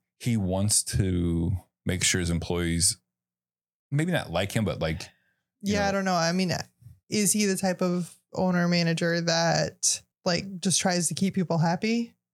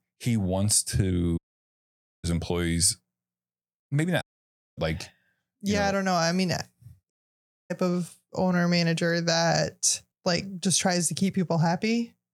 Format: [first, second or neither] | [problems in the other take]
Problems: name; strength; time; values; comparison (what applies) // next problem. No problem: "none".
first | audio cutting out; at 1.5 s for 1 s, at 4 s for 0.5 s and at 7 s for 0.5 s